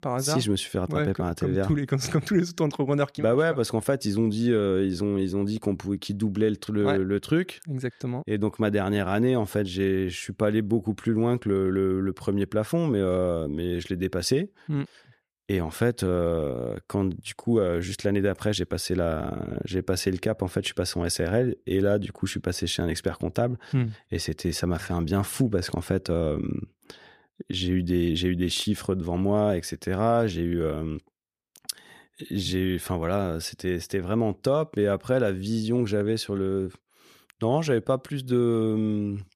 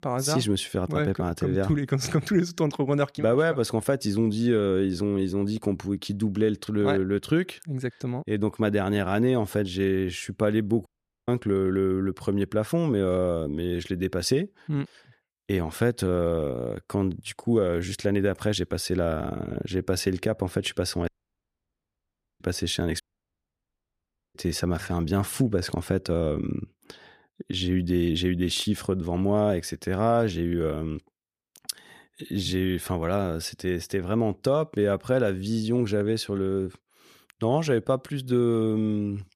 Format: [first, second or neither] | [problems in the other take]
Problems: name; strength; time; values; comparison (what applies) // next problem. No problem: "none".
first | audio cutting out; at 11 s, at 21 s for 1.5 s and at 23 s for 1.5 s